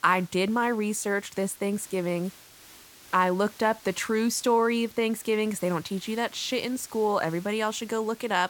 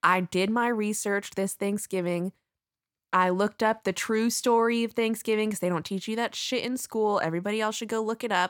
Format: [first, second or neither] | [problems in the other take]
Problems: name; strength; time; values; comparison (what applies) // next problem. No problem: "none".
second | hiss; faint; throughout; 20 dB below the speech